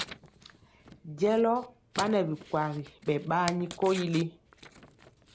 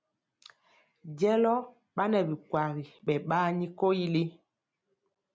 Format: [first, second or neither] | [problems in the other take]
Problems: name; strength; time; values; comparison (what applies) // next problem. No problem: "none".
second | background sound (Tearing); 15 dB below the speech